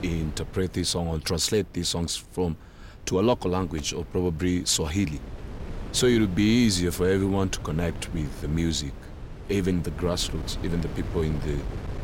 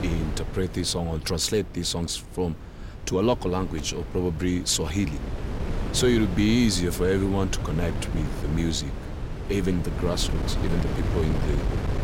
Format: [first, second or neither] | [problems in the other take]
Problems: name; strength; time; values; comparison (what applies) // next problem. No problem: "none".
first | wind noise on the microphone; heavy; 9 dB below the speech; occasional gusts in the first